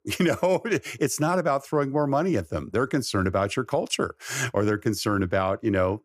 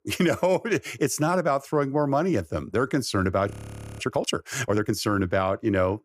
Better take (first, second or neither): first